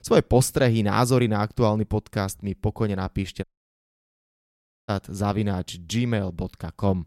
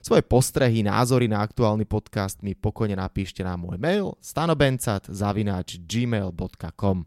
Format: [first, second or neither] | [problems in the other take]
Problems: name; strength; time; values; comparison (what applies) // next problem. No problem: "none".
second | audio cutting out; at 3.5 s for 1.5 s